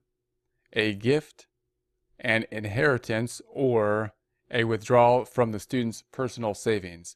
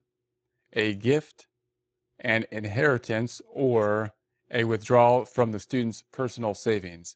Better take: first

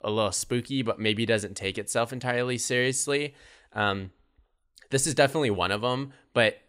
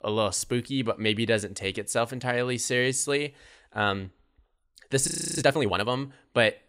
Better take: first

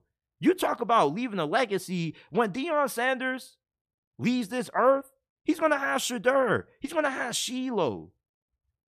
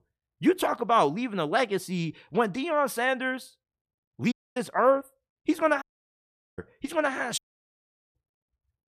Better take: first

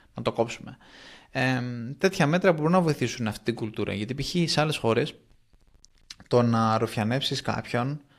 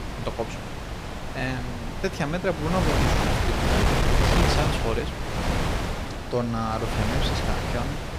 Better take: first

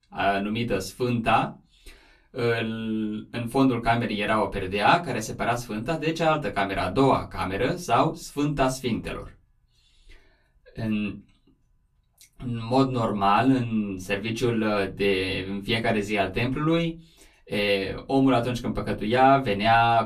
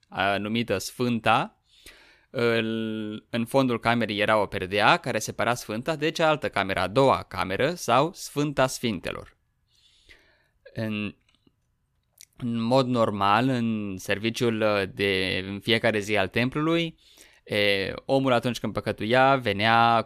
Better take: second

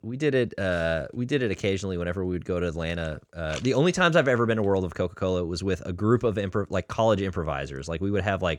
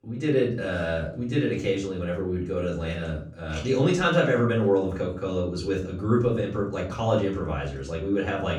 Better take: first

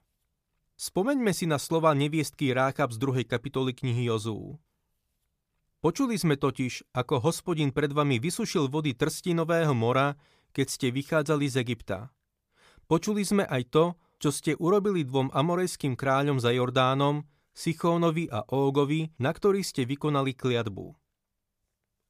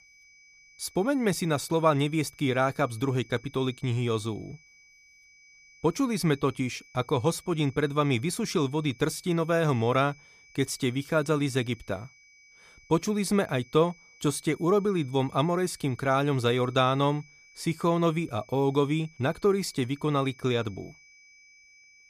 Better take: first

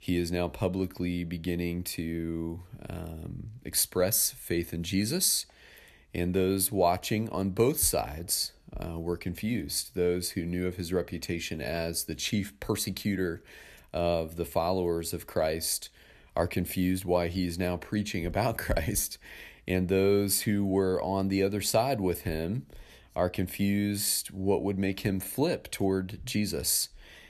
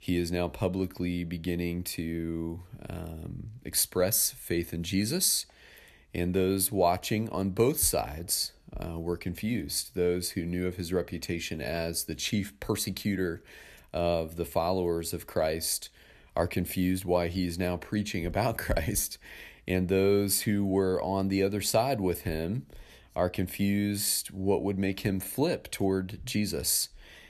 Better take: neither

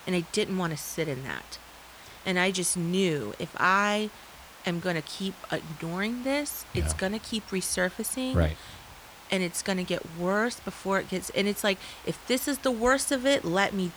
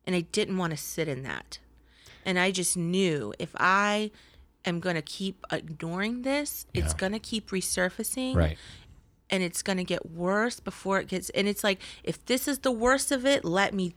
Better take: second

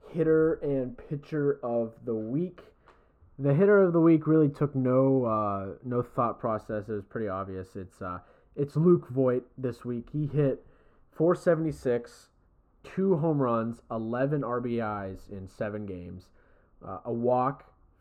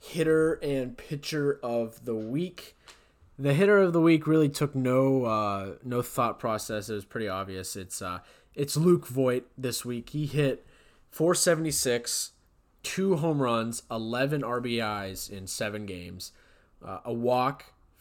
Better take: second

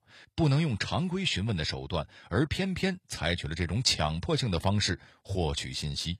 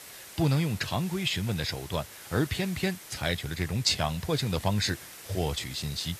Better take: first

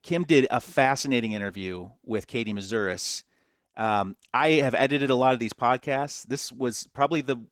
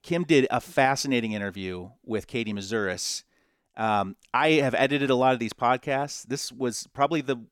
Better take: second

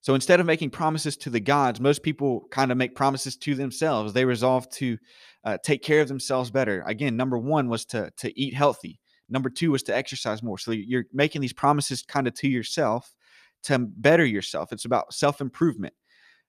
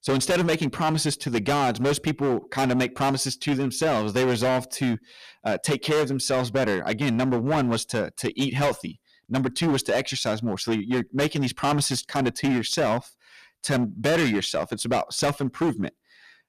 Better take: first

